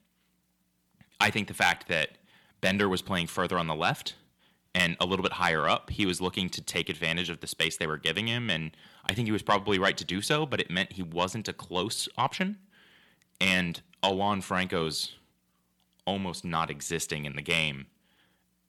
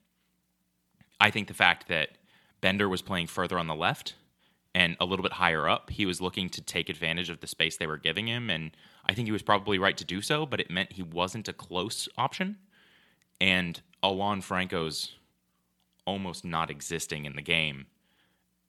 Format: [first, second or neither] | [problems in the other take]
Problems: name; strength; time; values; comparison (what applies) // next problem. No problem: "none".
second | distortion; slight; 10 dB below the speech